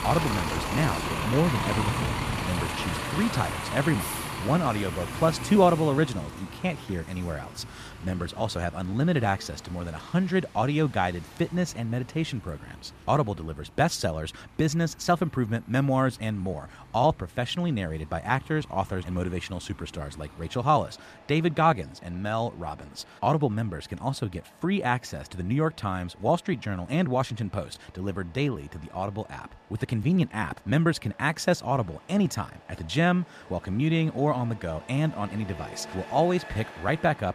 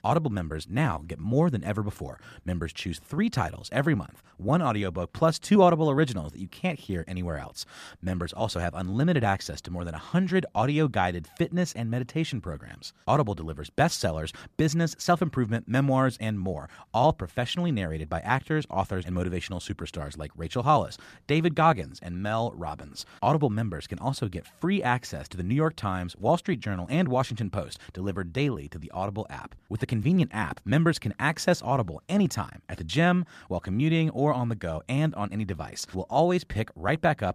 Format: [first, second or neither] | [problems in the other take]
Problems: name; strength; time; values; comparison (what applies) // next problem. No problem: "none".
second | traffic noise; loud; throughout; 7 dB below the speech